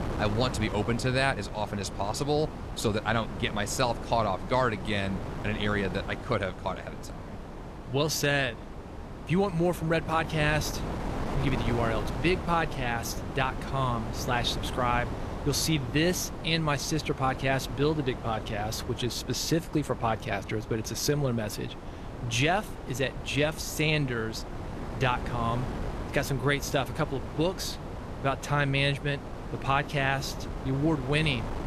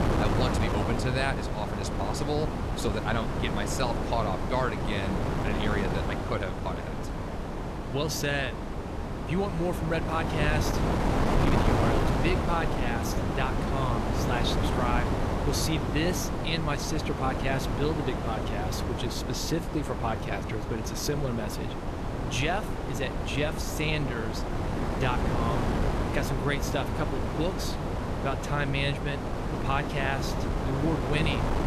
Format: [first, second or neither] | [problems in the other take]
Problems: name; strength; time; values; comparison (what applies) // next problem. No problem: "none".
first | wind noise on the microphone; heavy; 1 dB below the speech; occasional gusts in the first